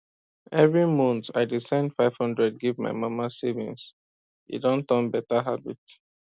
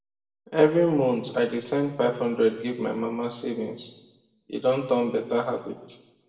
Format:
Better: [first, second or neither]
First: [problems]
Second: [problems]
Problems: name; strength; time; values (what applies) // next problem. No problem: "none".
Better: first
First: none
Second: room echo; dies away in 1 s